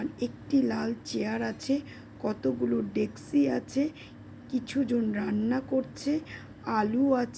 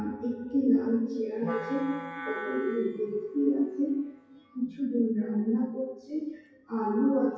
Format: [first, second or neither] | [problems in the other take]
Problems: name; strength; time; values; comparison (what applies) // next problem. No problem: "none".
first | noise reduction (classical method WPE with log-MMSE)